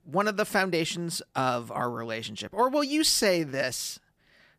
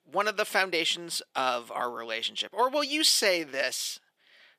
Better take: first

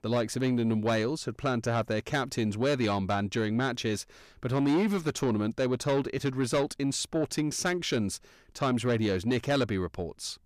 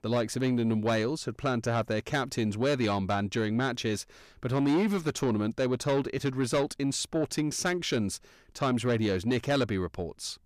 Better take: neither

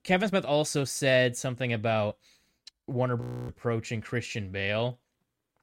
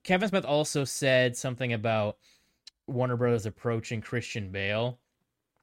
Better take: second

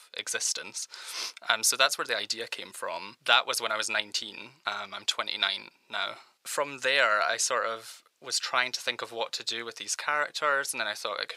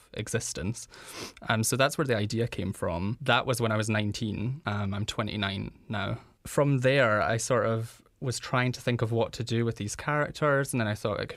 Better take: second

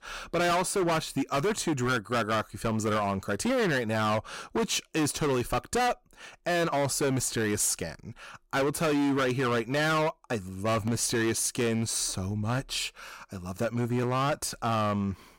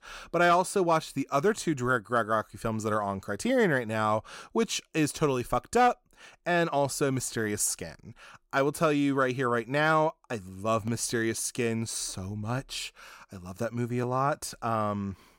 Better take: second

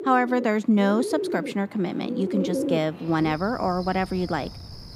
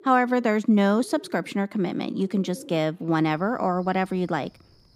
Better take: second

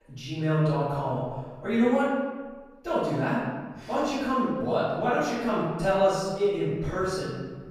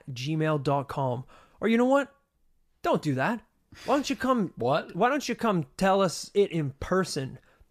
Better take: second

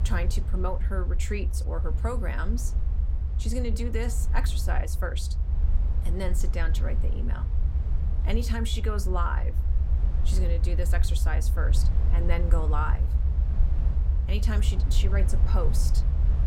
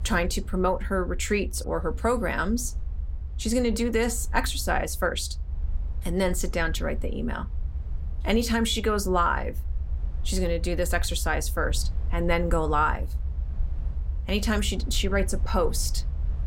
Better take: second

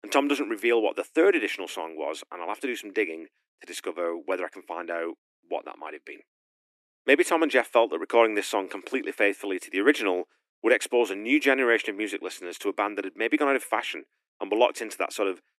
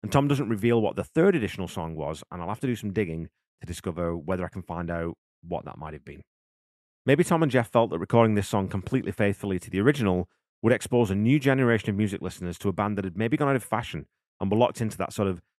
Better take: second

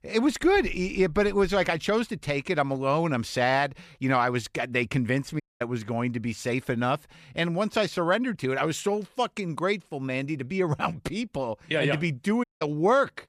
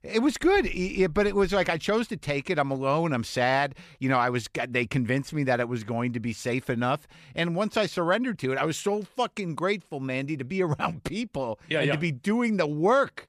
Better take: second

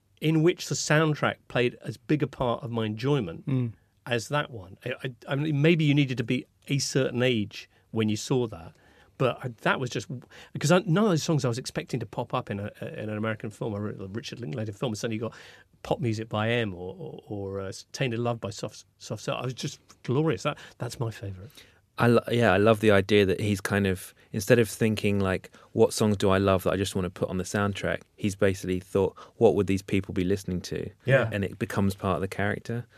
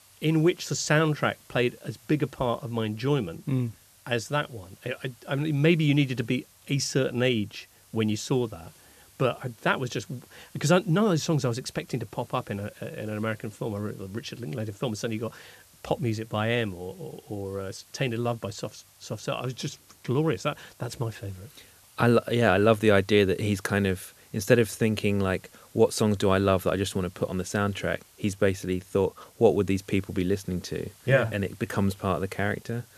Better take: first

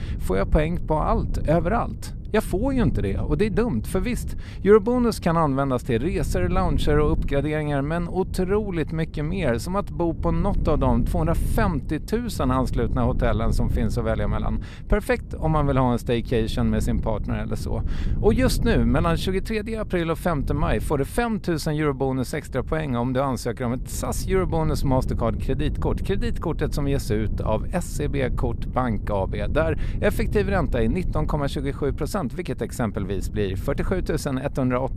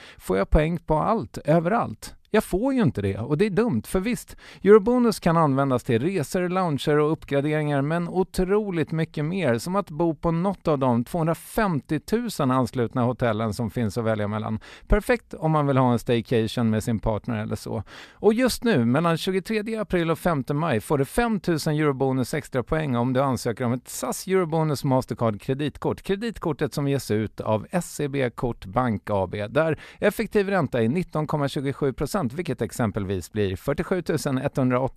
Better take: second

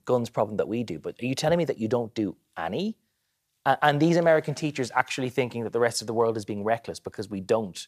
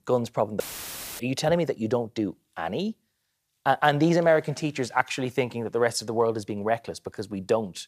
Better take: first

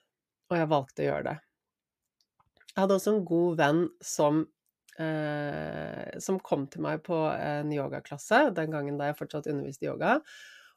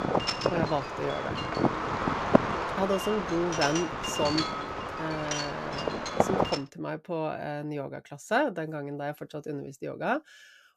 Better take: first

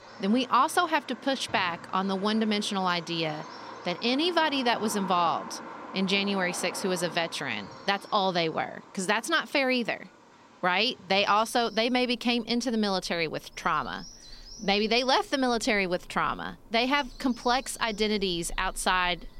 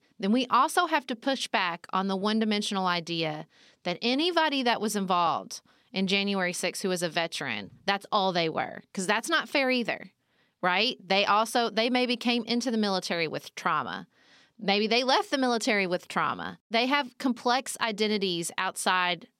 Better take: second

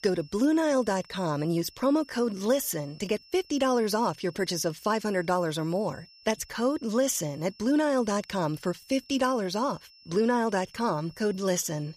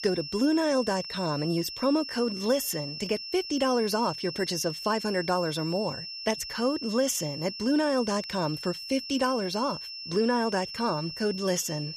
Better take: first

